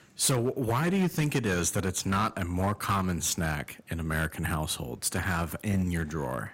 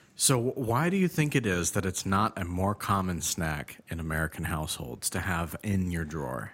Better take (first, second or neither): second